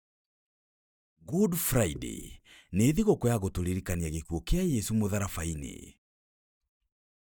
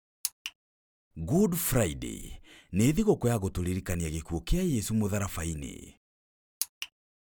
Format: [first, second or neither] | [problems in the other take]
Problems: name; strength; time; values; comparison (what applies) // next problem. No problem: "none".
second | noise reduction (neural mask model DeepFilterNet 3)